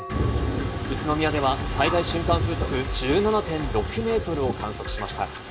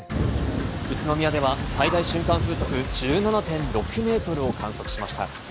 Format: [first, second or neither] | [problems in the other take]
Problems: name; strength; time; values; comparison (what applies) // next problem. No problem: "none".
second | background sound (Wind instrument, woodwind instrument); 18 dB below the speech // room echo; dies away in 0.3 s